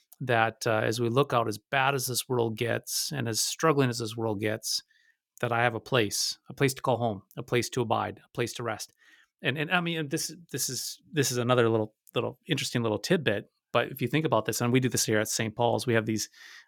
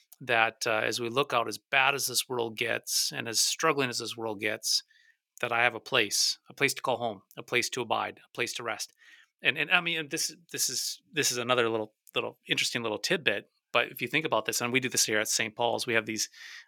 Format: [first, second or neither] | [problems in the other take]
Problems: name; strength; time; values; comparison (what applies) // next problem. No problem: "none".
first | thin; somewhat; fading below 450 Hz